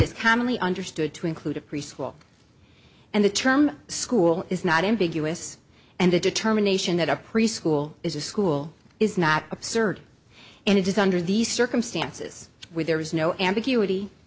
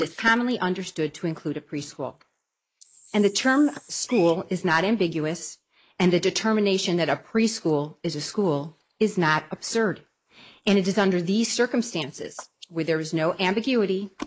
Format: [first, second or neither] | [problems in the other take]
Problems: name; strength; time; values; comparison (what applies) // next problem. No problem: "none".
first | noise reduction (neural mask model Resemble Enhance denoiser)